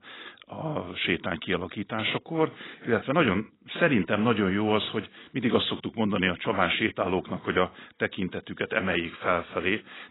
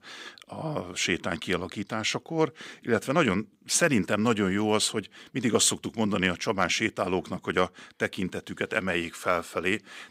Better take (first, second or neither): second